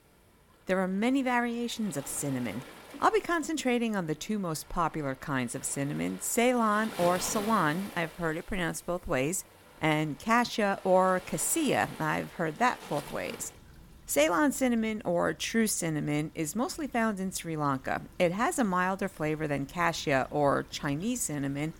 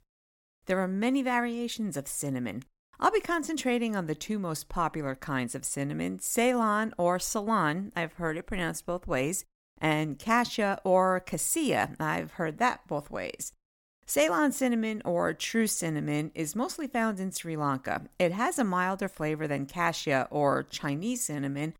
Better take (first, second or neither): second